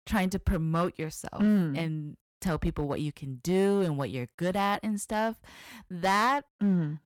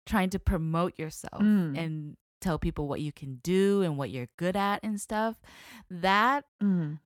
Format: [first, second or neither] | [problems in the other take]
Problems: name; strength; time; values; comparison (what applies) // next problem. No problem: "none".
second | distortion; slight; 6% of the sound clipped